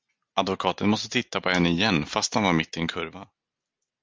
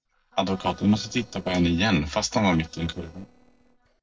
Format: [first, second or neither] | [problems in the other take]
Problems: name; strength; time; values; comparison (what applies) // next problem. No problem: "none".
first | noise reduction (neural separator model SepFormer DNS4)